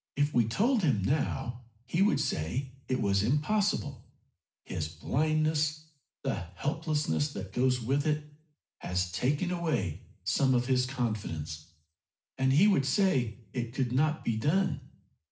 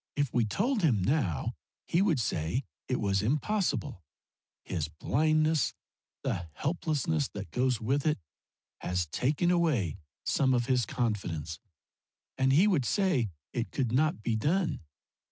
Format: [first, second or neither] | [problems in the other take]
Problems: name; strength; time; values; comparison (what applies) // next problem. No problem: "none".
second | room echo; dies away in 0.4 s